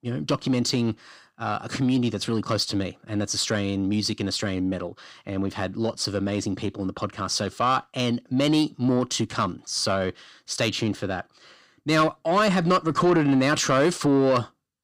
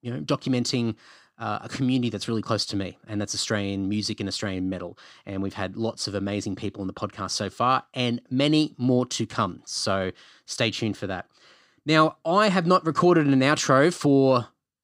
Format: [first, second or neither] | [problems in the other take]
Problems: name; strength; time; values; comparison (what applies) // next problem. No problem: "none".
second | distortion; slight; 10 dB below the speech